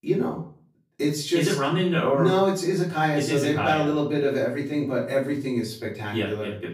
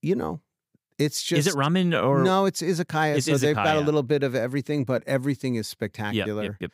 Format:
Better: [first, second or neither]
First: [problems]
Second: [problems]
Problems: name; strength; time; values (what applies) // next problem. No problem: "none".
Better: second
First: off-mic speech; far // room echo; slight; dies away in 0.4 s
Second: none